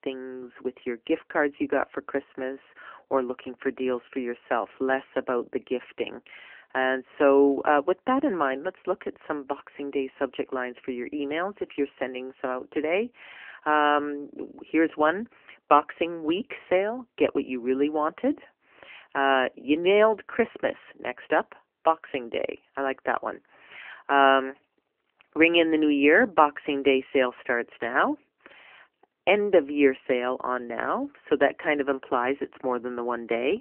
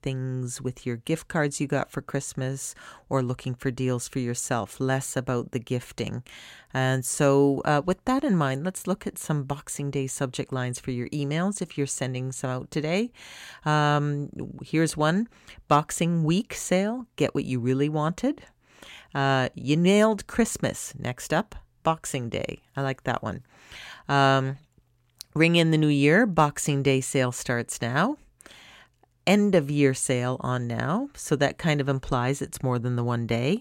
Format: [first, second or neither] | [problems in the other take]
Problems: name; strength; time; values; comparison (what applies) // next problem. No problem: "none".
second | phone-call audio; nothing above 3 kHz